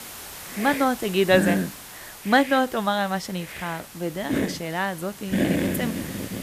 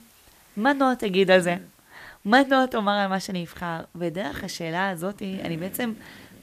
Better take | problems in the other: second | hiss; loud; throughout; 4 dB below the speech; faint in the second

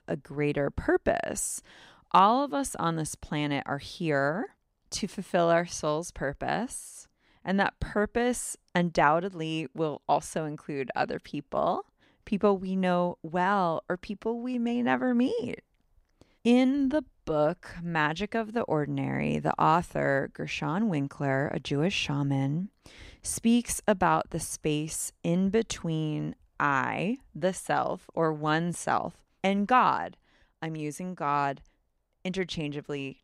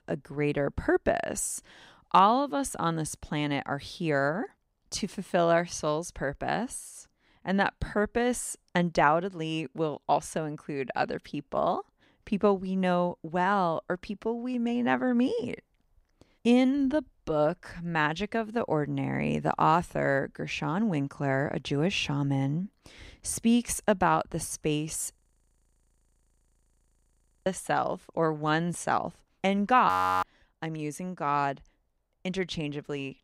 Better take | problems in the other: first | audio freezing; at 25 s for 2.5 s and at 30 s

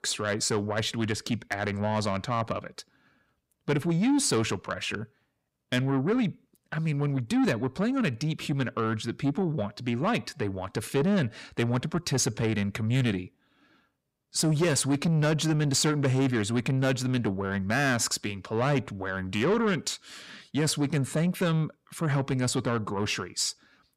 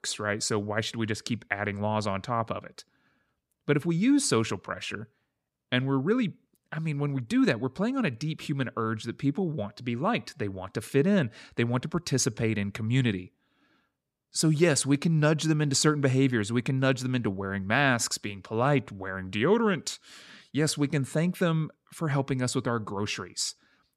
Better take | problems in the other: second | distortion; slight; 10 dB below the speech

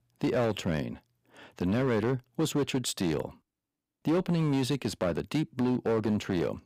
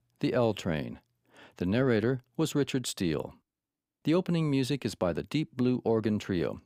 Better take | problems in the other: second | distortion; slight; 9% of the sound clipped

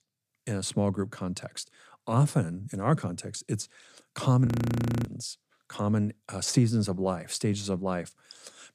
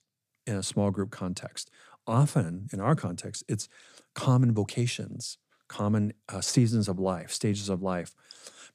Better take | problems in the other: second | audio freezing; at 4.5 s for 0.5 s

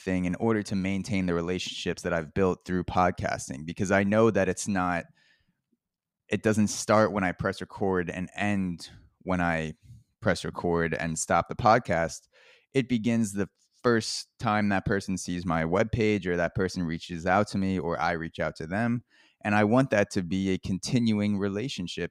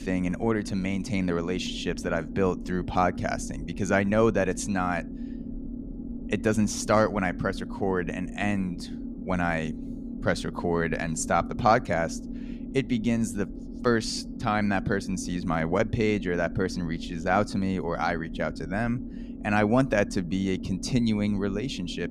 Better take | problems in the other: first | low rumble; noticeable; throughout; 15 dB below the speech

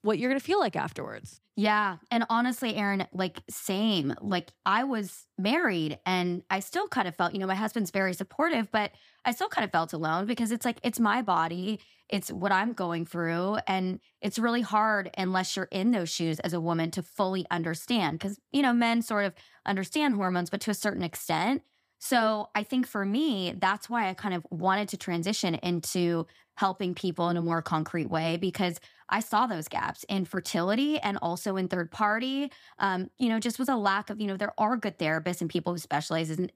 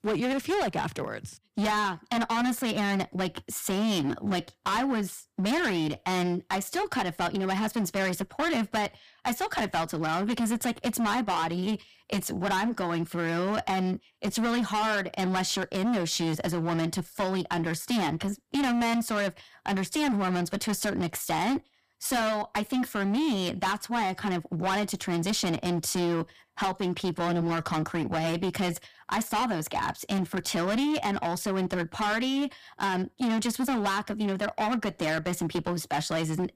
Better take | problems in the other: first | distortion; heavy; 21% of the sound clipped

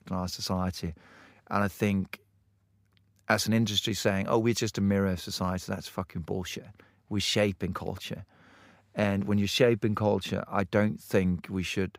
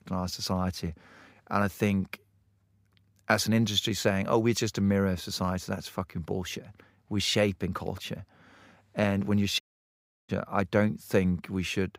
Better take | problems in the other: first | audio cutting out; at 9.5 s for 0.5 s

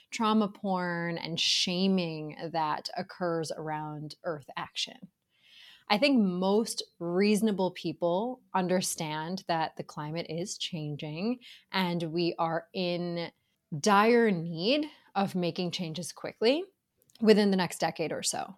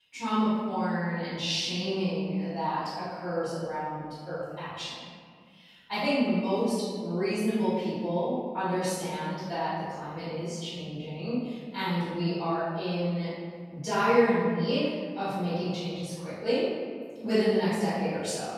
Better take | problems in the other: first | off-mic speech; far // room echo; strong; dies away in 1.7 s

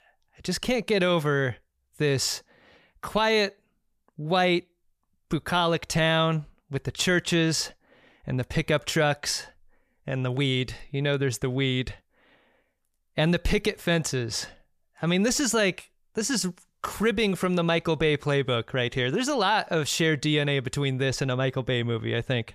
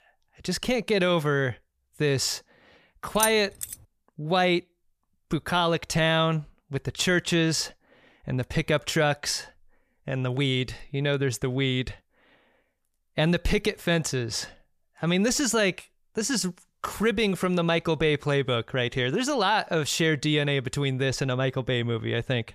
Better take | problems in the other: first | jangling keys; noticeable; at 3 s; peak 2 dB below the speech

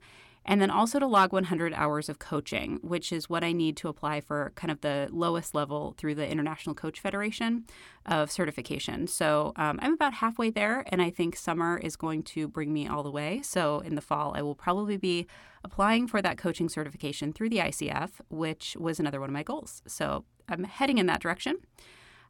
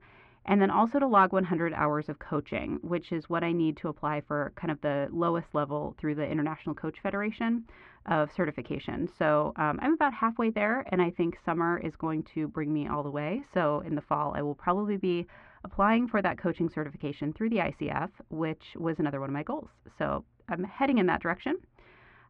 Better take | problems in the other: first | muffled; very; fading above 2 kHz

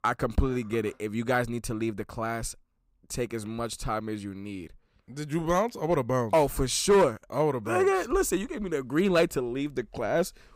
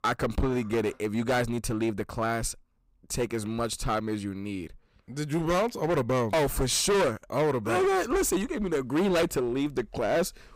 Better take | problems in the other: first | distortion; heavy; 13% of the sound clipped

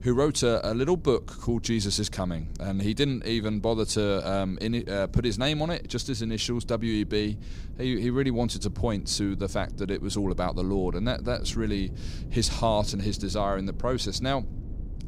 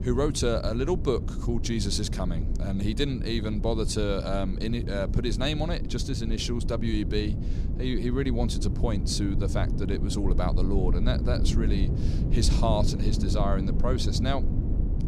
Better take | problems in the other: first | low rumble; loud; throughout; 9 dB below the speech; faint in the first

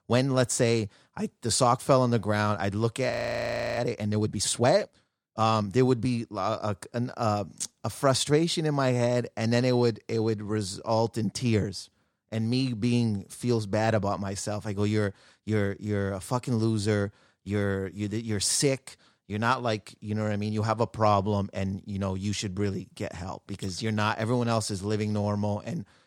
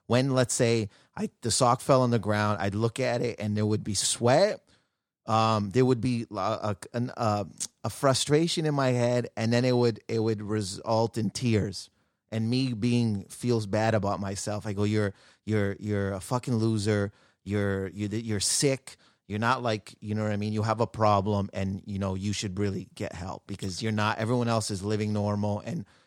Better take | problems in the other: second | audio freezing; at 3 s for 0.5 s

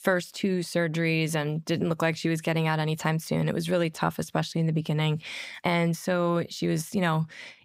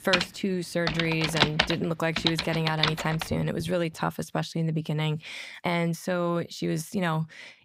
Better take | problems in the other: first | household noises; very loud; until 3.5 s; as loud as the speech

